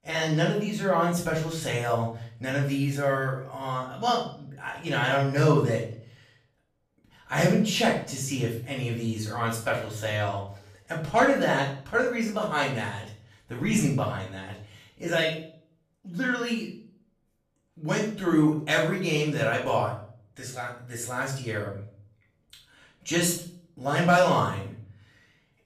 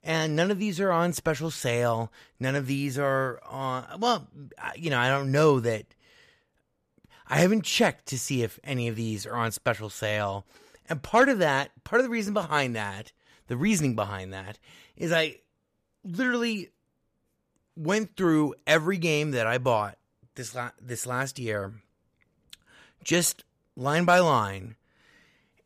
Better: second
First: off-mic speech; far // room echo; slight; dies away in 0.5 s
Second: none

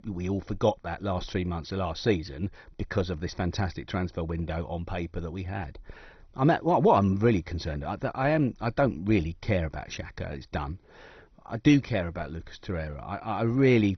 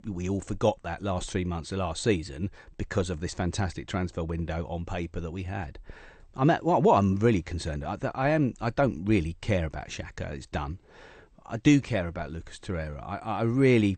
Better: second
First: garbled, watery; badly; nothing above 6 kHz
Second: garbled, watery; slightly; nothing above 8.5 kHz

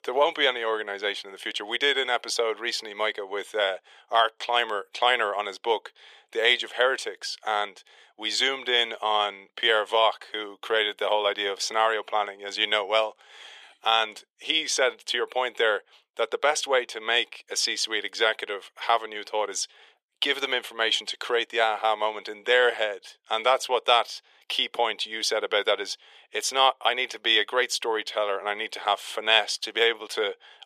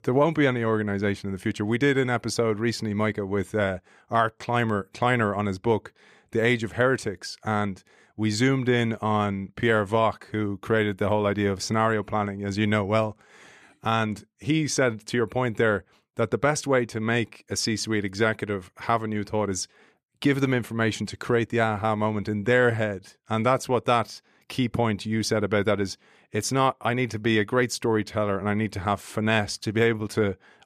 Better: second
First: thin; very; fading below 450 Hz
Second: none

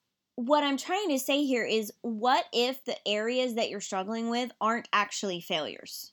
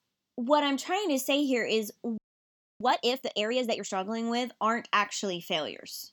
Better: first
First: none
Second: audio freezing; at 2 s for 0.5 s

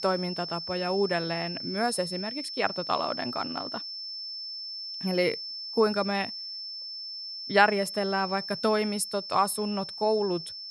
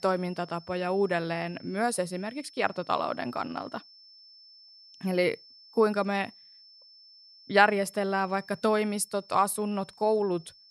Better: second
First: high-pitched whine; loud; throughout; 5.5 kHz, 6 dB below the speech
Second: high-pitched whine; faint; throughout; 5.5 kHz, 25 dB below the speech

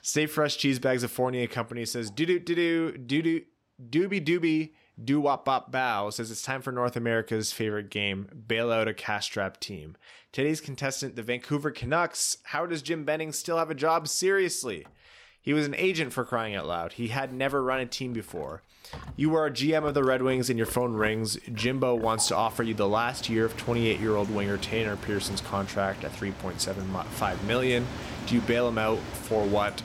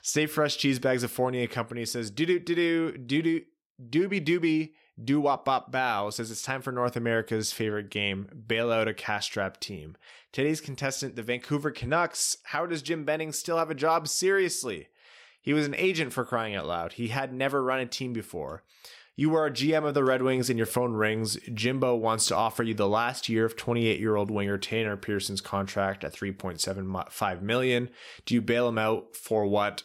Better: second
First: animal sounds; noticeable; throughout; 15 dB below the speech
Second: none

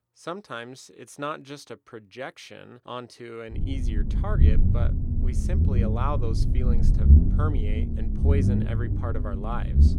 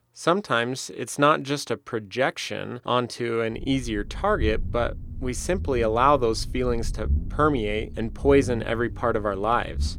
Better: second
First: low rumble; loud; from 3.5 s on; 2 dB below the speech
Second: low rumble; faint; from 3.5 s on; 25 dB below the speech

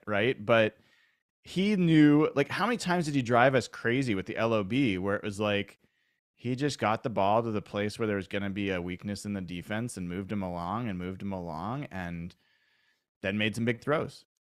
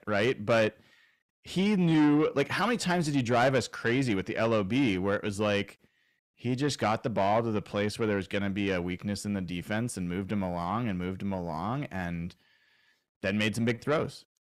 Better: first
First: none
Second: distortion; slight; 10 dB below the speech

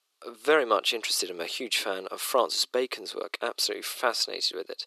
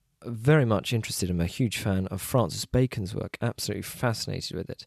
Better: second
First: thin; very; fading below 350 Hz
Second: none

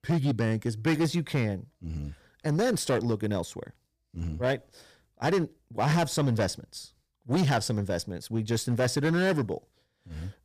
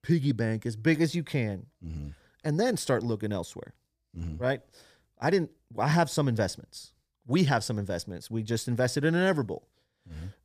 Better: second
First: distortion; slight; 7% of the sound clipped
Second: none

